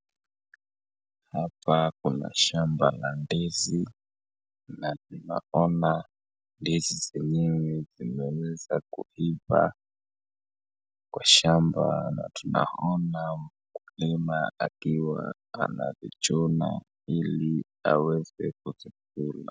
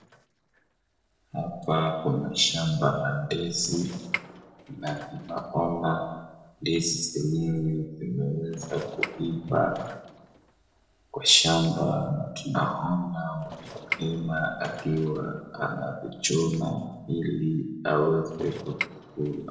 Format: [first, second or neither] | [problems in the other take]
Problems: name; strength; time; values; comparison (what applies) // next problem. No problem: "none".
first | noise reduction (neural separator model SepFormer DNS4)